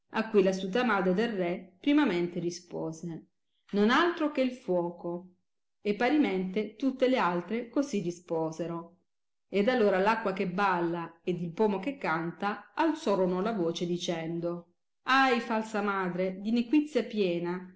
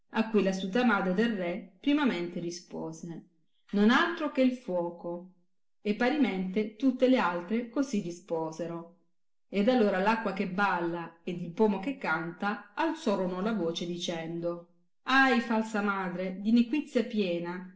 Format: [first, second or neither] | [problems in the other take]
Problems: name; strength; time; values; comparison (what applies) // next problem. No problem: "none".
first | room echo; dies away in 0.2 s